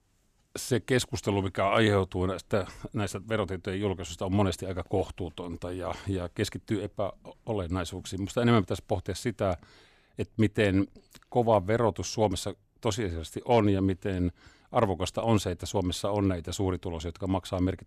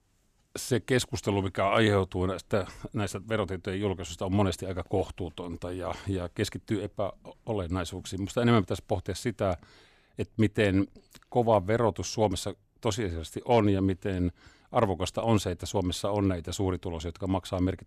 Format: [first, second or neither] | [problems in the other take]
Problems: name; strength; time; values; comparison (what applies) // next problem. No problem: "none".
neither | none